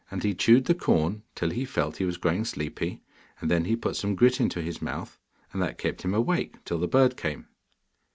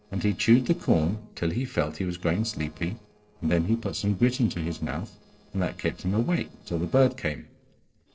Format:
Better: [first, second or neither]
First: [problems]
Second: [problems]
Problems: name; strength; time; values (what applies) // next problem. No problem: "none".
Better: first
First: none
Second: noise reduction (neural separator model SepFormer DNS4)